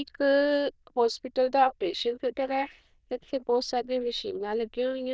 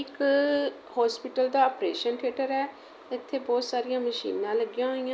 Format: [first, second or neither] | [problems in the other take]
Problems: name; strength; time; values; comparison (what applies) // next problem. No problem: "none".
second | noise reduction (neural diffusion model UNIVERSE++)